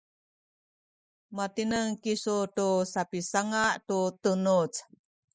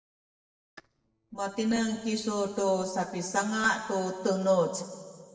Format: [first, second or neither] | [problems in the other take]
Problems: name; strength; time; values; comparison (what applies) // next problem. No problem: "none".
first | noise reduction (neural separator model SepFormer DNS4)